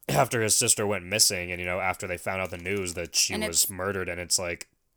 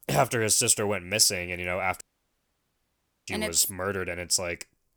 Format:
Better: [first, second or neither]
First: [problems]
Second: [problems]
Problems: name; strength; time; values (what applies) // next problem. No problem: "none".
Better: first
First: none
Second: audio cutting out; at 2 s for 1.5 s